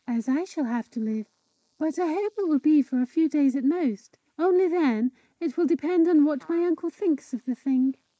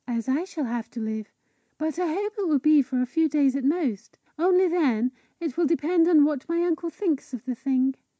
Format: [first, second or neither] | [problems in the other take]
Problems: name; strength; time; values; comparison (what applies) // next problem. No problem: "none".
second | noise reduction (neural mask model Resemble Enhance denoiser)